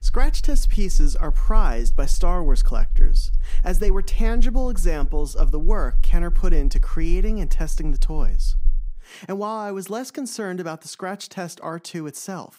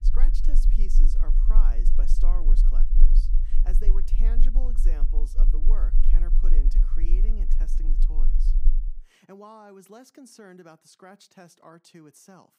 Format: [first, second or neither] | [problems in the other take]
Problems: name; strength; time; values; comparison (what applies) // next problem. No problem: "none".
first | low rumble; loud; until 9 s; 6 dB below the speech; faint in the first